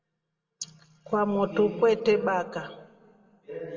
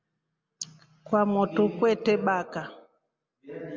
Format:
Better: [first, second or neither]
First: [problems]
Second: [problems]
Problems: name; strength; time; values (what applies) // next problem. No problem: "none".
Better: second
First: room echo; dies away in 1.3 s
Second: none